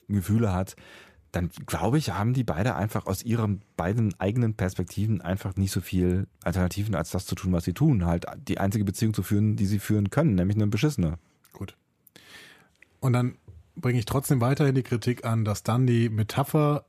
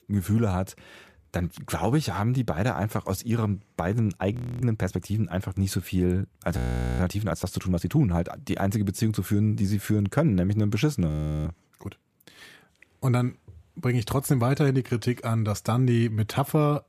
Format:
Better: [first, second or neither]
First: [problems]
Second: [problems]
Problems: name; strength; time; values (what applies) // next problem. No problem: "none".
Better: first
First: none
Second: audio freezing; at 4.5 s, at 6.5 s and at 11 s